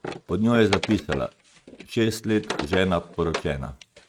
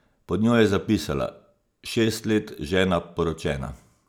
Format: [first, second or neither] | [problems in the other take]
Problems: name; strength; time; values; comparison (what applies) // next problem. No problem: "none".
second | noise reduction (neural mask model RNNoise)